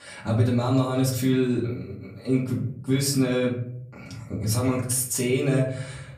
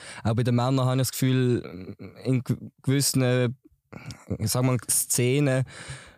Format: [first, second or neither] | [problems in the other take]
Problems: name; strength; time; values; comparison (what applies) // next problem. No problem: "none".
second | off-mic speech; far // room echo; slight; dies away in 0.6 s